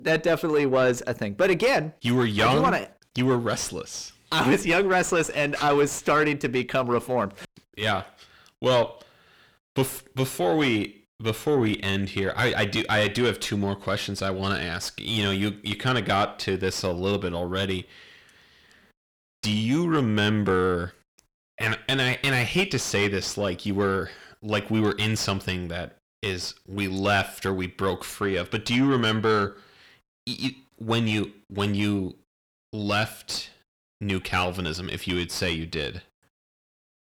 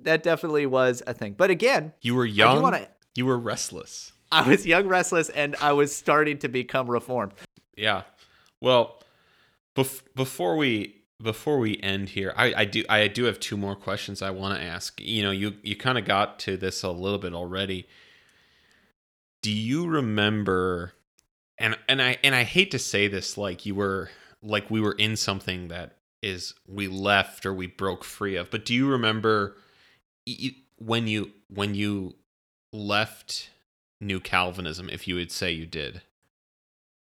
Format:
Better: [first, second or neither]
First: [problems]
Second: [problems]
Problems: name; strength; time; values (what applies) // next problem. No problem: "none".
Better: second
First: distortion; heavy; 7 dB below the speech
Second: none